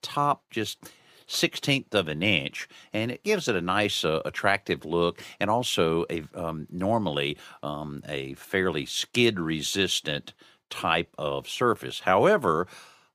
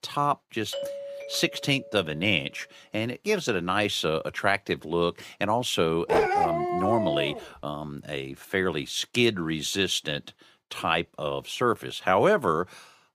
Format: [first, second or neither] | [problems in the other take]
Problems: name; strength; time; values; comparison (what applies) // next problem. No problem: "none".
first | doorbell; noticeable; from 0.5 to 2.5 s; peak 7 dB below the speech // dog barking; loud; from 6 to 7.5 s; peak 4 dB above the speech